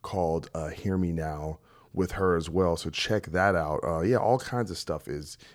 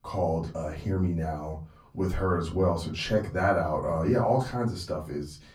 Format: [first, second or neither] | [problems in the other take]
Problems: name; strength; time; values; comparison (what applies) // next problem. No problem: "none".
first | off-mic speech; far // room echo; very slight; dies away in 0.3 s